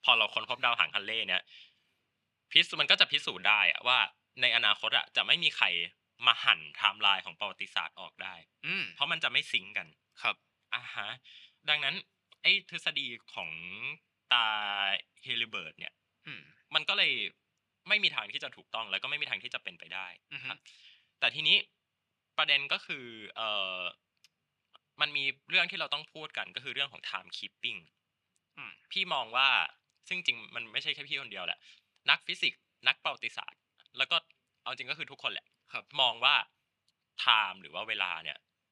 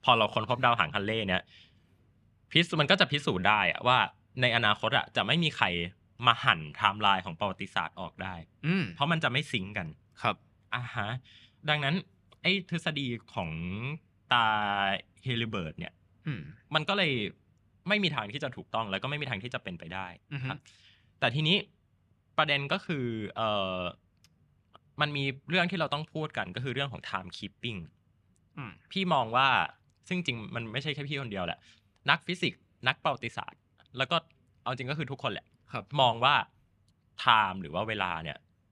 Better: second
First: thin; somewhat; fading below 1 kHz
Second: none

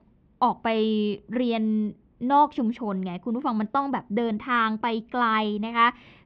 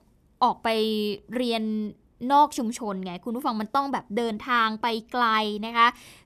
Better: second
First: muffled; slightly; fading above 3 kHz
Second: none

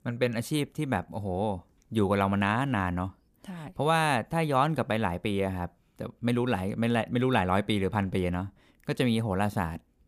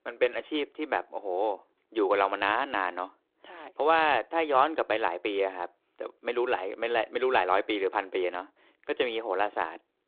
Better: first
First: none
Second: phone-call audio

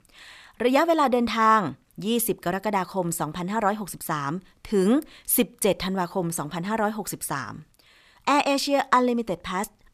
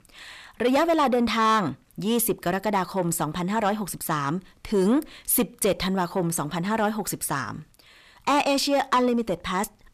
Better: first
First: none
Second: distortion; slight; 10 dB below the speech

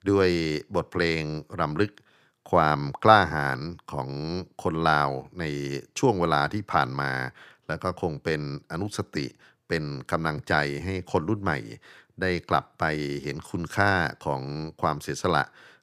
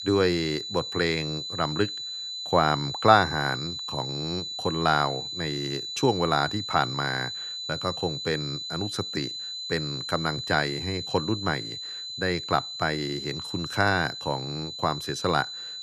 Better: first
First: none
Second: high-pitched whine; loud; throughout; 4 kHz, 5 dB below the speech

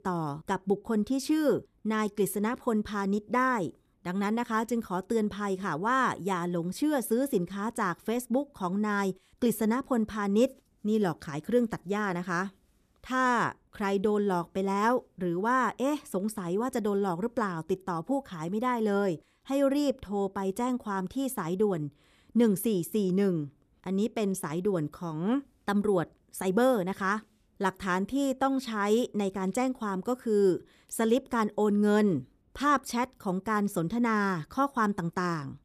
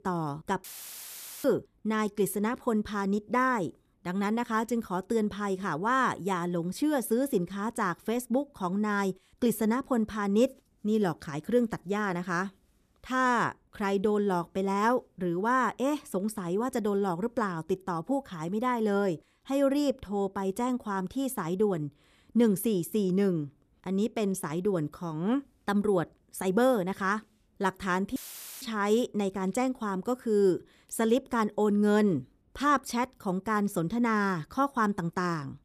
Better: first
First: none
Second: audio cutting out; filled with static; at 0.5 s for 1 s and at 28 s

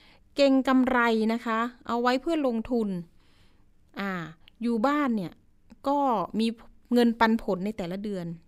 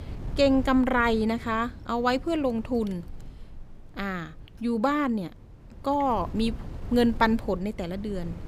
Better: first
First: none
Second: wind noise on the microphone; occasional gusts; 25 dB below the speech

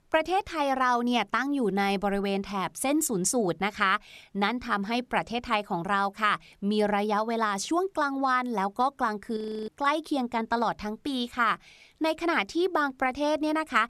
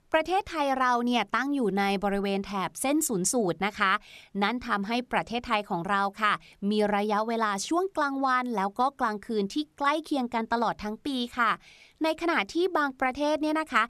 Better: second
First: audio freezing; at 9.5 s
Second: none

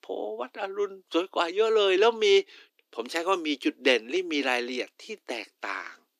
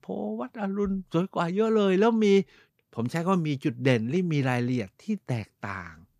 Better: second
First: thin; somewhat; fading below 300 Hz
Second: none

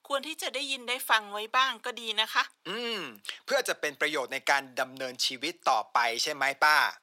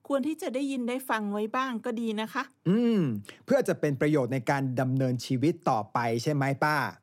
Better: second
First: thin; very; fading below 950 Hz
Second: none

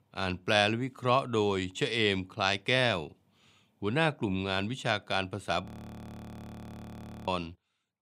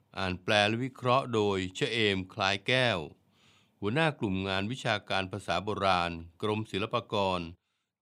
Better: second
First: audio freezing; at 5.5 s for 1.5 s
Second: none

